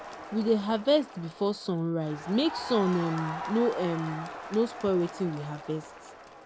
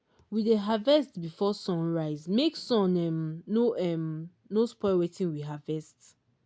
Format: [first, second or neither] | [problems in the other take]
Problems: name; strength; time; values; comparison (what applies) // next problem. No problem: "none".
second | background sound (Crowd); 11 dB below the speech